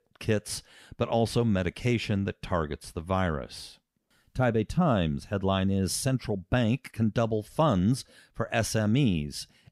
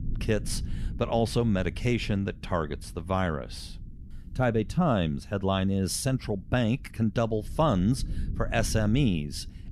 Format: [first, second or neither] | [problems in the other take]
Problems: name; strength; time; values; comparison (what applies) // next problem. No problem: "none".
first | low rumble; faint; throughout; 25 dB below the speech